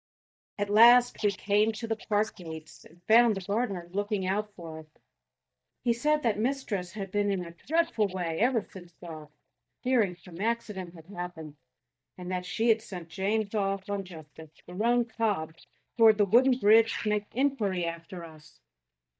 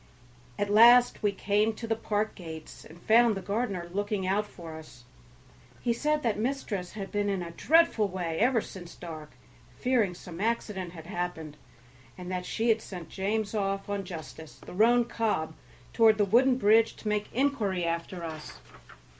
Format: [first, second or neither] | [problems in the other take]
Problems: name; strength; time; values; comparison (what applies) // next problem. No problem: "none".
second | noise reduction (neural mask model DeepFilterNet 3)